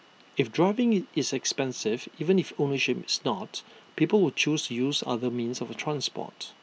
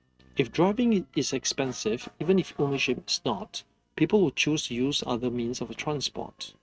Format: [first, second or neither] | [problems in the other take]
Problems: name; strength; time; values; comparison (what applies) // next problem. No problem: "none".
first | noise reduction (neural mask model RNNoise)